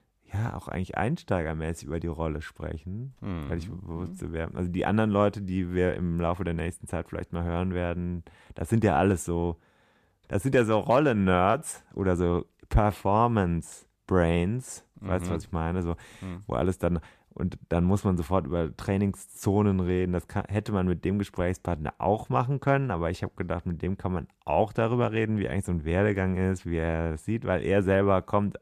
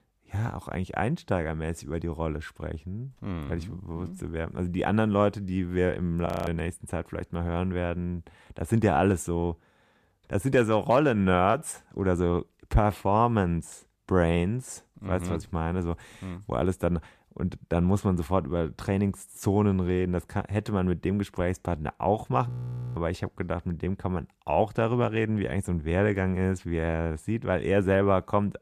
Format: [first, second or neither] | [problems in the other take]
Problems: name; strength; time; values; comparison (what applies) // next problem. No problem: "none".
first | audio freezing; at 6.5 s and at 22 s